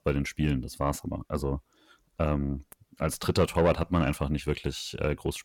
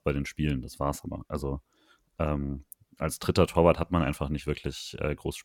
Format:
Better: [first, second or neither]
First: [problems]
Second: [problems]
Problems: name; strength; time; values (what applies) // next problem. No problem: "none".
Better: second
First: distortion; slight; 10 dB below the speech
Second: none